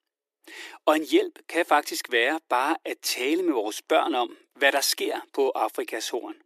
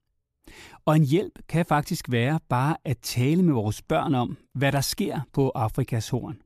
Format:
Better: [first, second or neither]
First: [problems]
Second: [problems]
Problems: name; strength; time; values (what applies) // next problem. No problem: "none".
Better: second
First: thin; very; fading below 300 Hz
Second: none